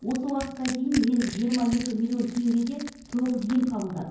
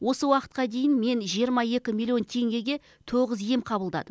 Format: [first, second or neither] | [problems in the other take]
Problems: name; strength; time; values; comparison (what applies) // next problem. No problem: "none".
second | background sound (Crushing); 15 dB below the speech // room echo; dies away in 0.9 s